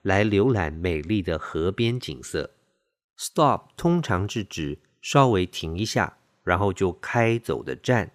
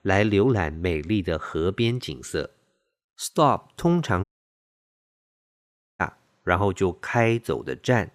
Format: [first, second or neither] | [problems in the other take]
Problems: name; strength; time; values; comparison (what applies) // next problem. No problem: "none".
first | audio cutting out; at 4 s for 2 s